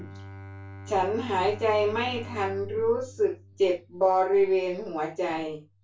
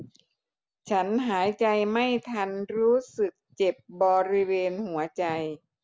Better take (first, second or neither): second